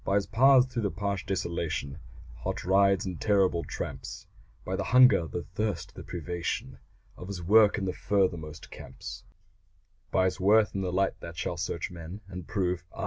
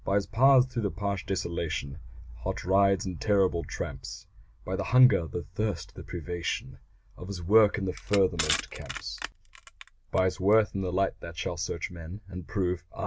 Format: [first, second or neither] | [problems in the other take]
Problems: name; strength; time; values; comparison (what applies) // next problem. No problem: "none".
first | background sound (Crushing); 10 dB below the speech